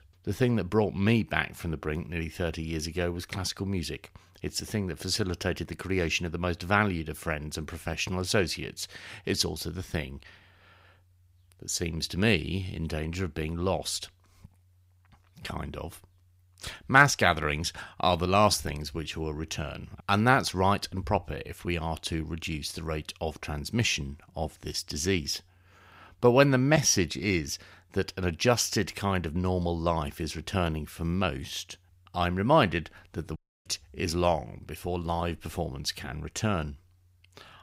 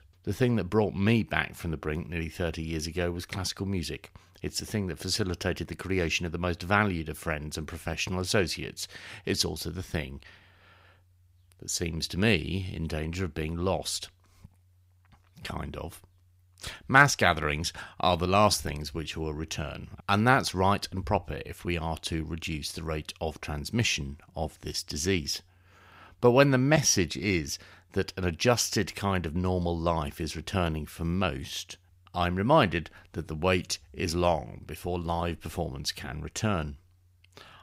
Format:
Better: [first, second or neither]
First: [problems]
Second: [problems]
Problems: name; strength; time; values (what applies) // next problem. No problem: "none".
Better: second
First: audio cutting out; at 33 s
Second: none